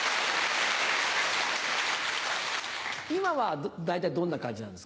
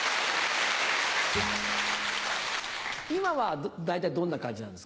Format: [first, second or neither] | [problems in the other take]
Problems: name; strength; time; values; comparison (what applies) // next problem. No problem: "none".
first | background sound (Bowed string instrument); 15 dB below the speech